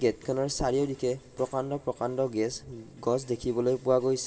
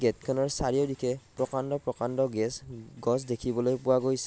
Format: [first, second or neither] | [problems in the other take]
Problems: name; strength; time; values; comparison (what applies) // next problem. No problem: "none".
second | room echo; dies away in 0.4 s